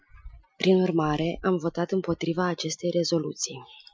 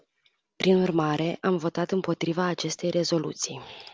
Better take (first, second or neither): second